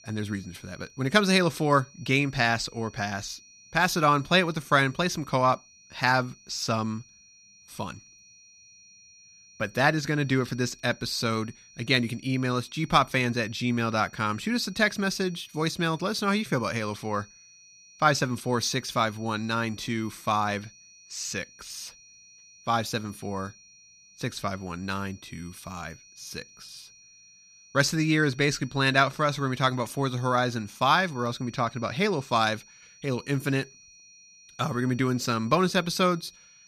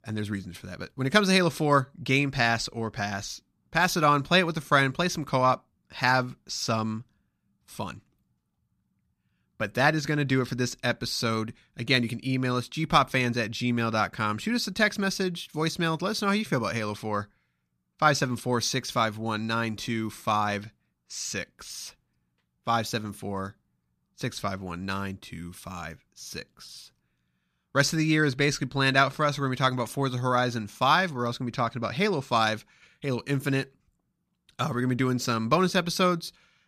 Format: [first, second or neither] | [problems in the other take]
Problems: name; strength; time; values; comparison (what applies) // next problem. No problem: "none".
second | high-pitched whine; faint; throughout; 5.5 kHz, 25 dB below the speech